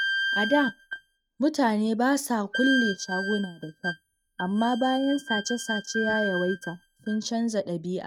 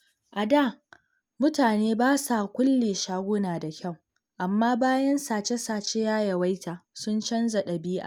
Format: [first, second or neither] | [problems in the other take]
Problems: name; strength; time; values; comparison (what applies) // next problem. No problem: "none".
second | noise reduction (neural mask model RNNoise)